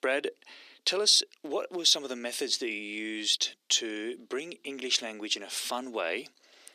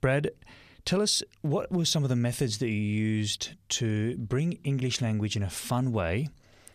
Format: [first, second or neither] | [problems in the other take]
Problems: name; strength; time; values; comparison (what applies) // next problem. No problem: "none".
second | thin; very; fading below 300 Hz